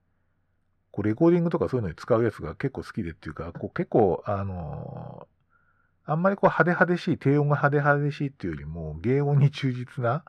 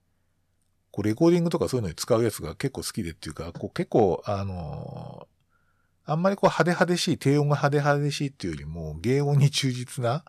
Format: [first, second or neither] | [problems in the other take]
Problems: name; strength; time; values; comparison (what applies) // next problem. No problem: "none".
second | muffled; very; fading above 4 kHz